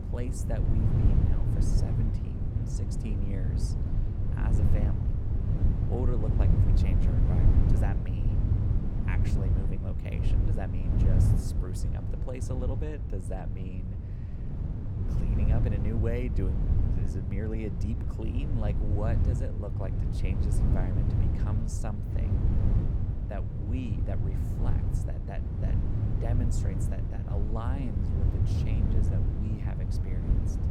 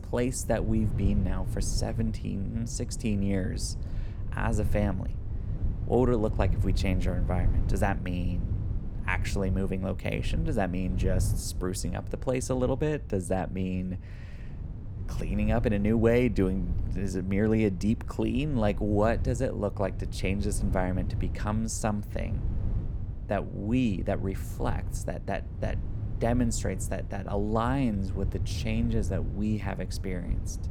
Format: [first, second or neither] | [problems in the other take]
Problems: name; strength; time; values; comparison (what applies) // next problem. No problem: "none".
second | wind noise on the microphone; heavy; 1 dB above the speech; occasional gusts in the second